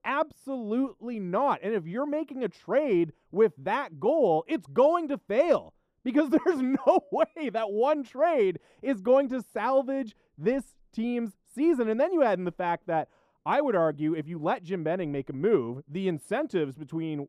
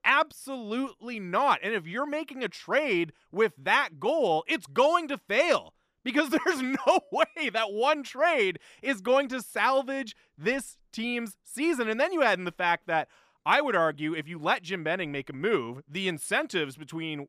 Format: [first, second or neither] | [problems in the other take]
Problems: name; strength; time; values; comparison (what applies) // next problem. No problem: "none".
second | muffled; slightly; fading above 1 kHz